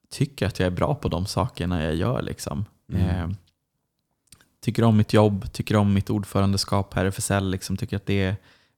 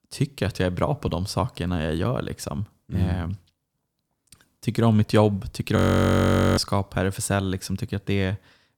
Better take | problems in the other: first | audio freezing; at 6 s for 1 s

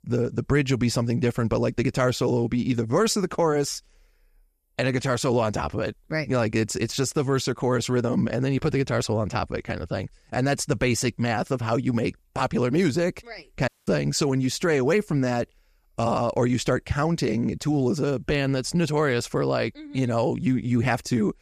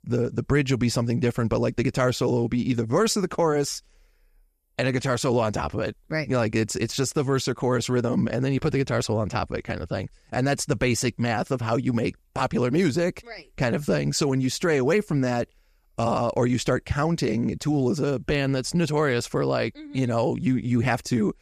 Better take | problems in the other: second | audio cutting out; at 14 s

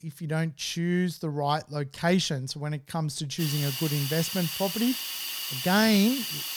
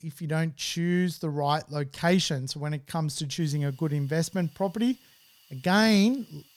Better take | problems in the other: second | hiss; loud; from 3.5 s on; 3 dB below the speech; faint in the second

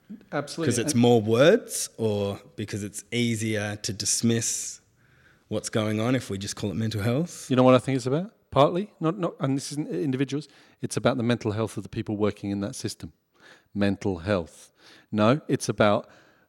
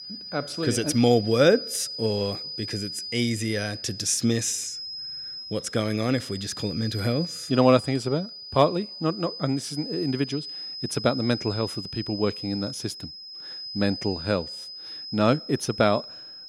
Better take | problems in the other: first | high-pitched whine; loud; throughout; 5 kHz, 9 dB below the speech

